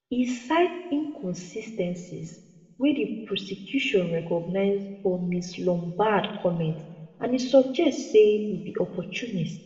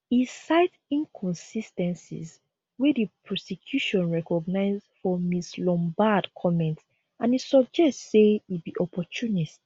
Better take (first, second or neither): second